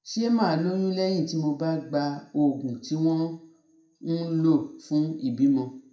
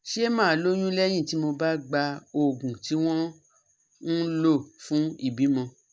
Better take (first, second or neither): second